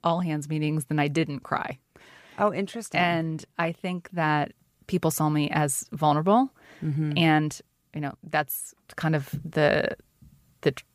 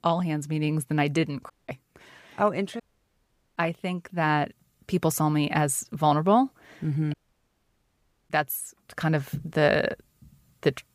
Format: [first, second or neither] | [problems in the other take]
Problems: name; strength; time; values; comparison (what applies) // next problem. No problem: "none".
first | audio cutting out; at 1.5 s, at 3 s for 1 s and at 7 s for 1 s